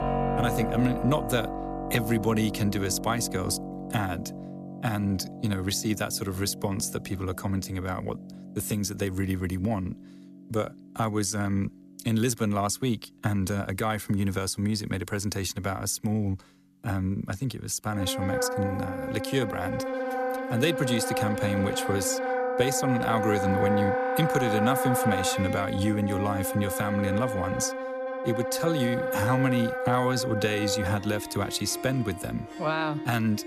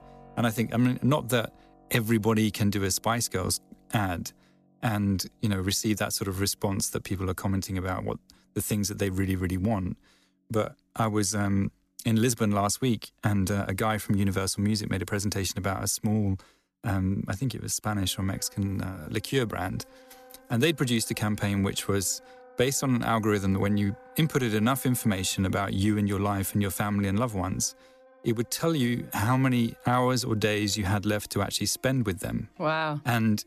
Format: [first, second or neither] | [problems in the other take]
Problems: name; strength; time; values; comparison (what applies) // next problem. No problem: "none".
second | background music; loud; throughout; 3 dB below the speech; faint in the second